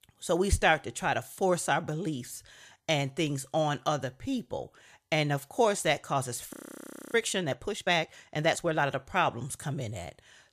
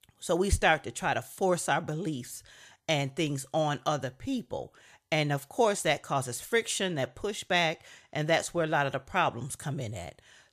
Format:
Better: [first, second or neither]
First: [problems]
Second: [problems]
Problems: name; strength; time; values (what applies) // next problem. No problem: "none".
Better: second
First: audio freezing; at 6.5 s for 0.5 s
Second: none